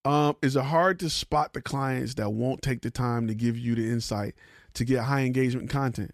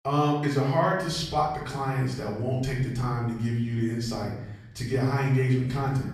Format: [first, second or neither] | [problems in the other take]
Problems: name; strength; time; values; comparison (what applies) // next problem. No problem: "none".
first | off-mic speech; far // room echo; noticeable; dies away in 0.8 s